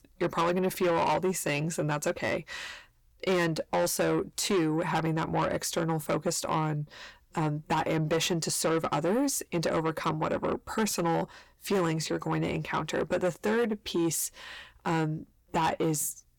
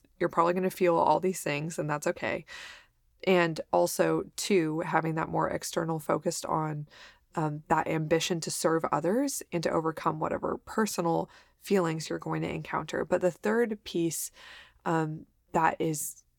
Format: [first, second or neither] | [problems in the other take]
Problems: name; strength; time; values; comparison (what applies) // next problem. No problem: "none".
second | distortion; heavy; 8 dB below the speech